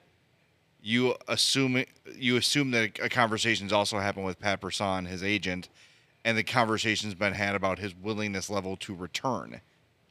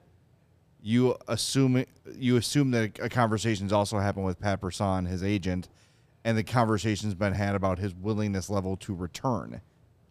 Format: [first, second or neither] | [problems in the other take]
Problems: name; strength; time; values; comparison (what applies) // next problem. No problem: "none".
second | thin; very slightly; fading below 500 Hz